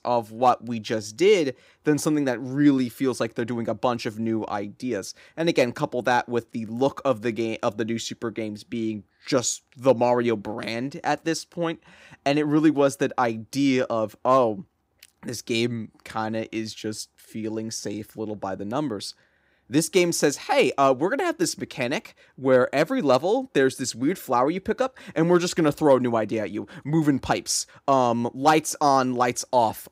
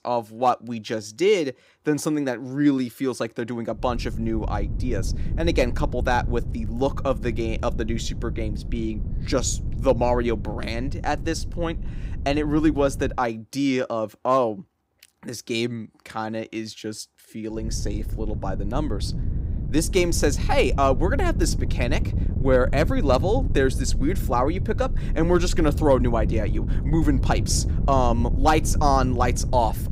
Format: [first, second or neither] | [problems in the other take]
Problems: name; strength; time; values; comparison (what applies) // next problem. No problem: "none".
first | wind noise on the microphone; occasional gusts; from 4 to 13 s and from 18 s on; 15 dB below the speech